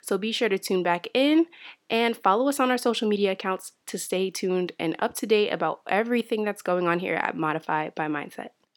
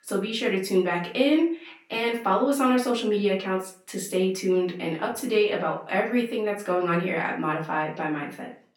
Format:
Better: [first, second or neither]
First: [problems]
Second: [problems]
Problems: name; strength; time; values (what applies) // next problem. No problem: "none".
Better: first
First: none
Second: room echo; slight; dies away in 0.4 s // off-mic speech; far